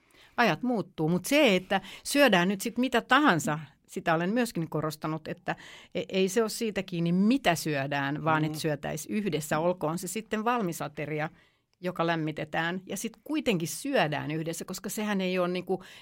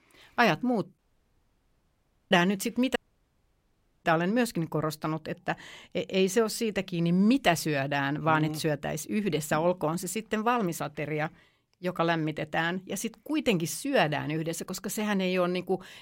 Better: first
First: none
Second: audio cutting out; at 1 s for 1.5 s and at 3 s for 1 s

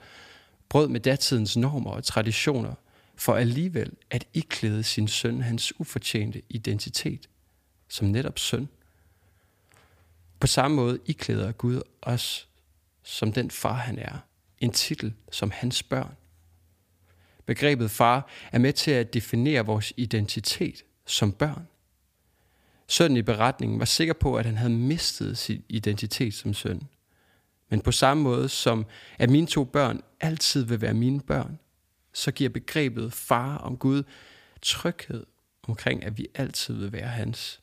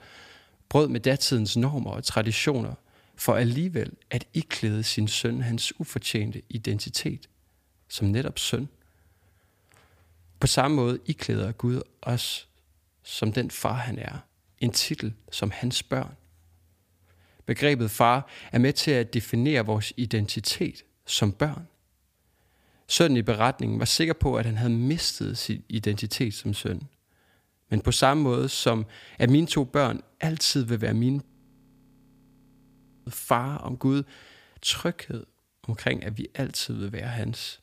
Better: first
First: none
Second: audio freezing; at 31 s for 2 s

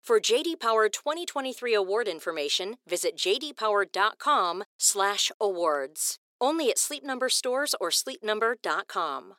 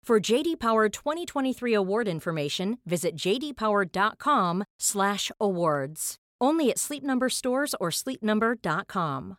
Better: second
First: thin; somewhat; fading below 350 Hz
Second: none

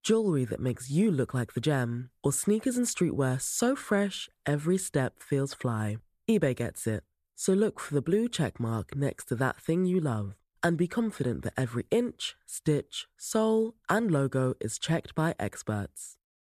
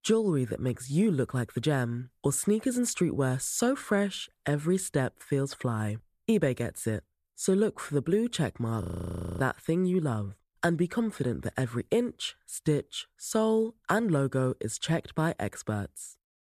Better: first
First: none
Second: audio freezing; at 9 s for 0.5 s

